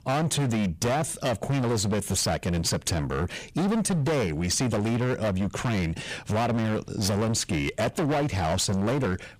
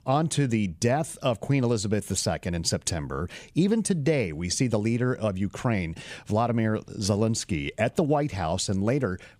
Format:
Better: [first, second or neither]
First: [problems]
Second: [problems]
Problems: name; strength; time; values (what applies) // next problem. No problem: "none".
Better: second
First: distortion; heavy; 28% of the sound clipped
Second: none